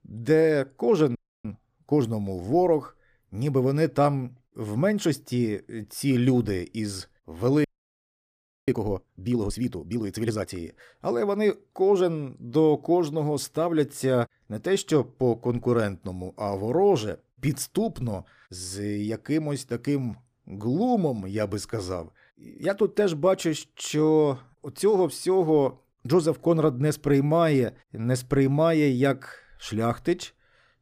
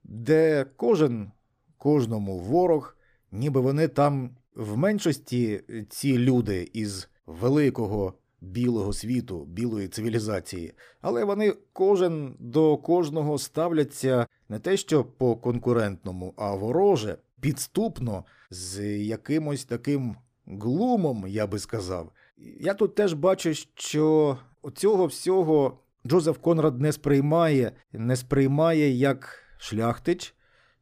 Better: second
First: audio freezing; at 1 s and at 7.5 s for 1 s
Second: none

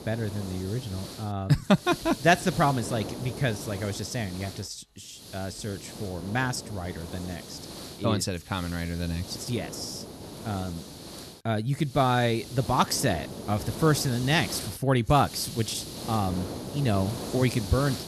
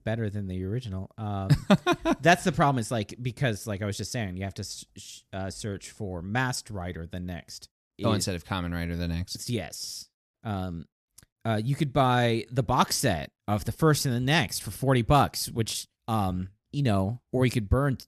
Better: second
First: hiss; noticeable; throughout; 10 dB below the speech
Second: none

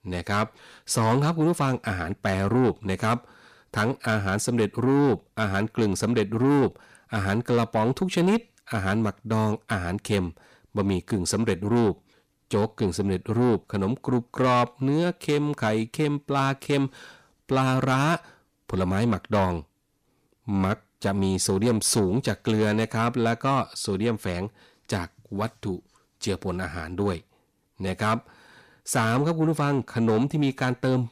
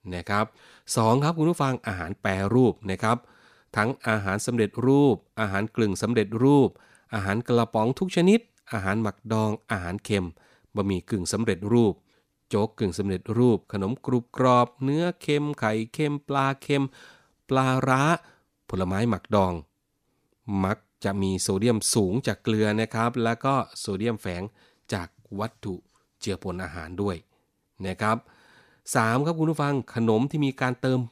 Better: second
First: distortion; slight; 10 dB below the speech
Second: none

